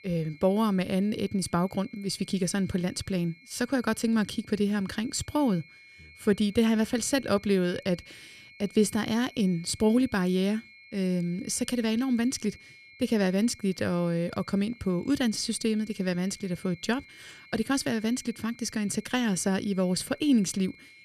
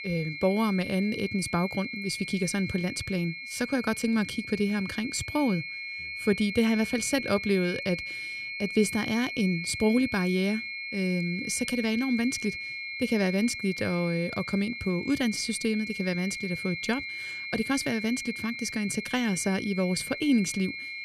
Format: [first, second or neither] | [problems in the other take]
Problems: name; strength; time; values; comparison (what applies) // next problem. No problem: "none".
first | high-pitched whine; loud; throughout; 2 kHz, 6 dB below the speech; faint in the first